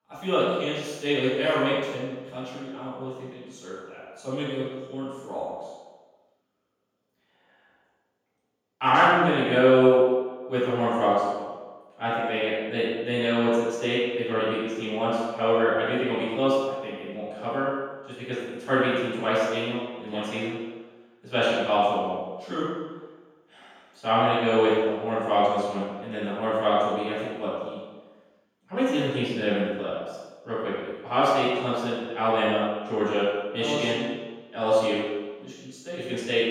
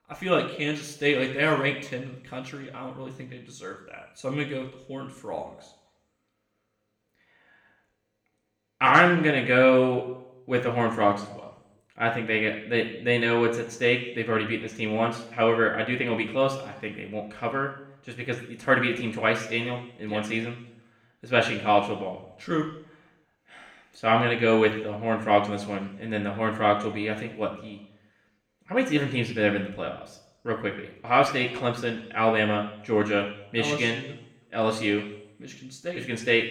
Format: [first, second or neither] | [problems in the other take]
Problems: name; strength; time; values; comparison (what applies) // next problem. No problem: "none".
second | room echo; strong; dies away in 1.1 s; slight in the second // off-mic speech; far; somewhat distant in the second